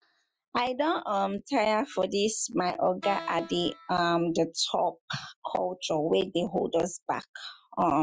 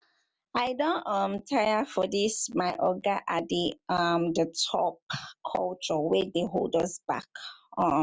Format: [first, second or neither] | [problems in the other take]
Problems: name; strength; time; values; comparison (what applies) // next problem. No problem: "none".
second | noise reduction (classical method Wiener filter)